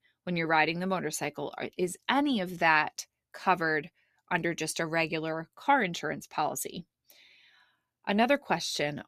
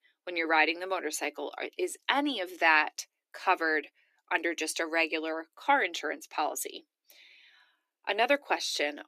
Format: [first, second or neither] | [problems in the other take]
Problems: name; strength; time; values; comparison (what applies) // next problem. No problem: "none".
first | thin; somewhat; fading below 300 Hz